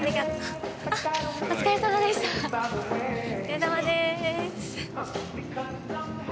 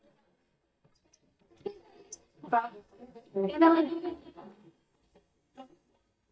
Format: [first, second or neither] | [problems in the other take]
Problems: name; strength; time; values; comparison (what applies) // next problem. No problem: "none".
first | noise reduction (neural mask model DeepFilterNet 3)